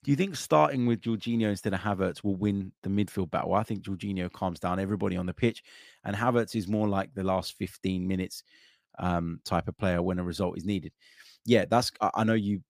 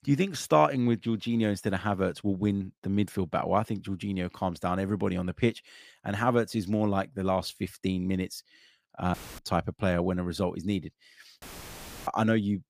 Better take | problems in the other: first | audio cutting out; filled with static; at 9 s and at 11 s for 0.5 s

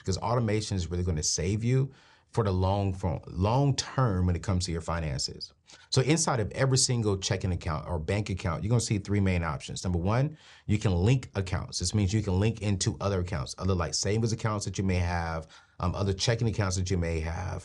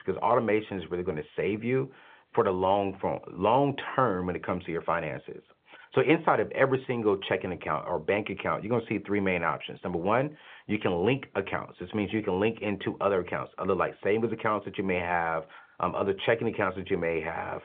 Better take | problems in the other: first | phone-call audio

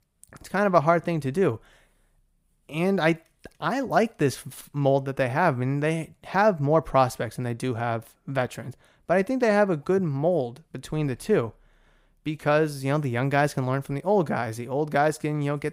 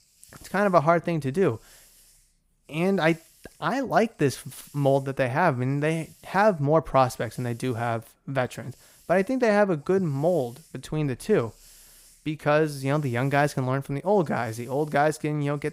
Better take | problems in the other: first | hiss; faint; throughout; 30 dB below the speech

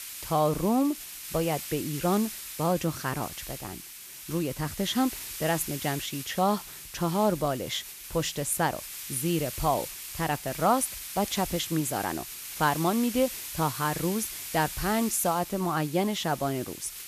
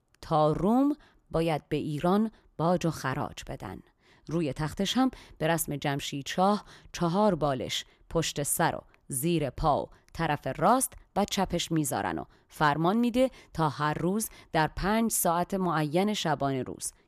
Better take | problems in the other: second | hiss; loud; throughout; 8 dB below the speech

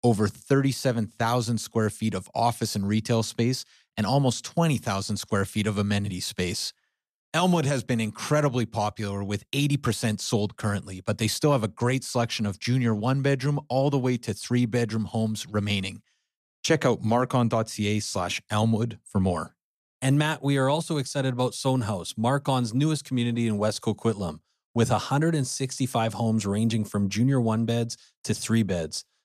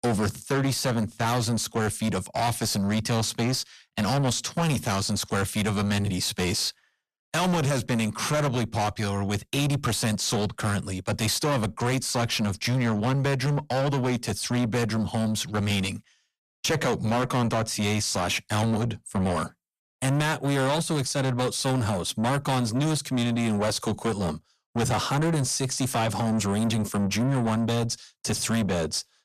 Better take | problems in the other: first | distortion; heavy; 7 dB below the speech

